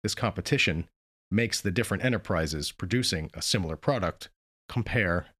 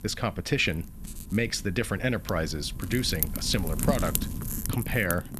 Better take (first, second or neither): first